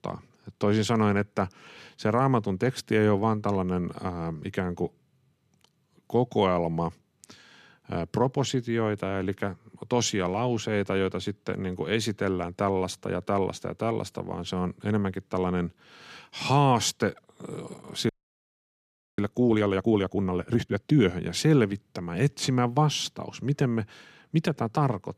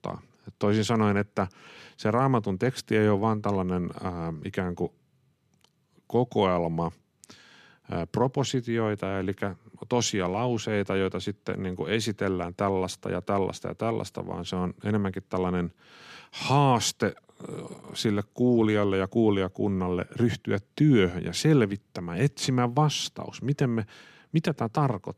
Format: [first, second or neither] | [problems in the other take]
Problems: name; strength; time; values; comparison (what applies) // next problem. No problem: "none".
second | audio freezing; at 18 s for 1 s